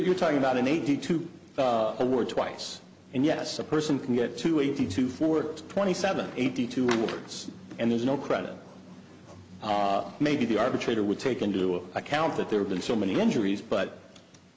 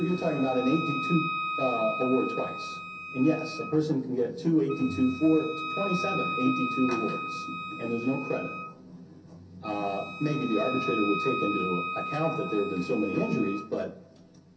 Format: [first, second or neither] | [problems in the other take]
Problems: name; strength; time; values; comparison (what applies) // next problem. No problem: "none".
first | background sound (Wind instrument, woodwind instrument); 6 dB below the speech // room echo; dies away in 0.3 s